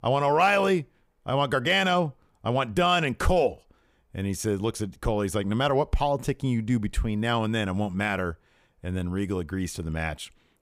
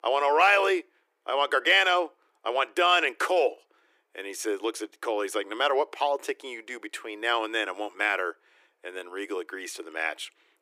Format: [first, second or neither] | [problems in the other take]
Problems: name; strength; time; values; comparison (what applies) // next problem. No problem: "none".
first | thin; very; fading below 300 Hz